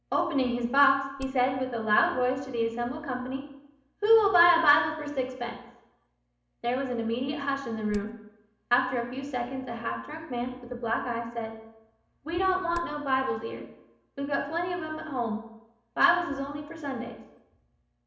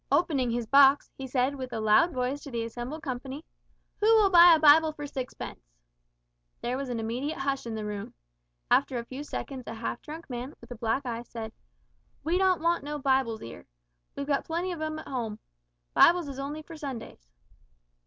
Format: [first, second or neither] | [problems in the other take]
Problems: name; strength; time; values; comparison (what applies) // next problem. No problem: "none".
second | background sound (Hammer); 16 dB below the speech // room echo; dies away in 0.8 s